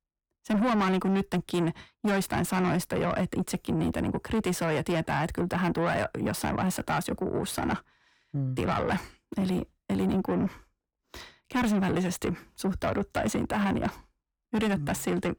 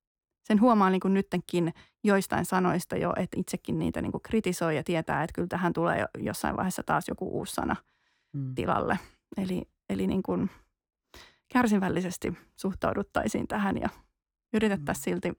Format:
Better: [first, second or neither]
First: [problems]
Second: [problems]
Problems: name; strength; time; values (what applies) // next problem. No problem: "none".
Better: second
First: distortion; heavy; 7 dB below the speech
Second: none